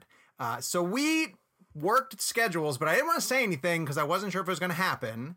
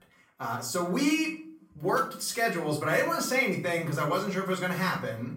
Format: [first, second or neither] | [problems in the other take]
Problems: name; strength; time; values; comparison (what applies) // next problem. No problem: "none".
first | off-mic speech; far // room echo; slight; dies away in 0.4 s